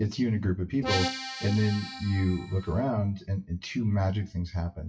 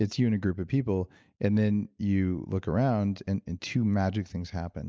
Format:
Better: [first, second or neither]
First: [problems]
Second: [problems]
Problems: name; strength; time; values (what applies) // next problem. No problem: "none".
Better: second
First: noise reduction (classical method WPE with log-MMSE)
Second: none